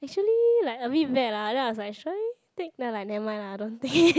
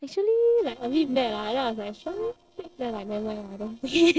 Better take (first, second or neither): first